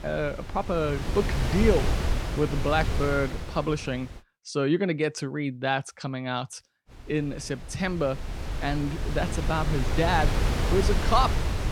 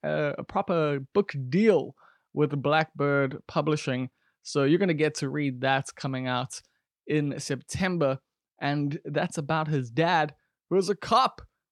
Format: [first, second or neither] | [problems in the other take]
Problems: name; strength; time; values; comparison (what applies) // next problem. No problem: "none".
second | wind noise on the microphone; heavy; until 4 s and from 7 s on; 6 dB below the speech